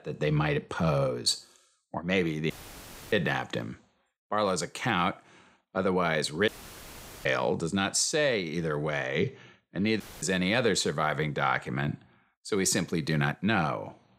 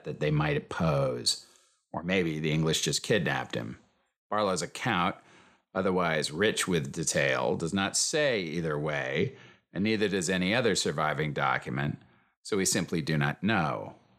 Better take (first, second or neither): second